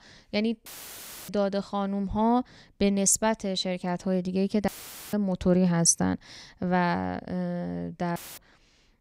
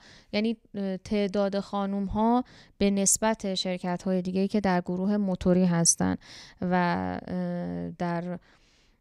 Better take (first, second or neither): second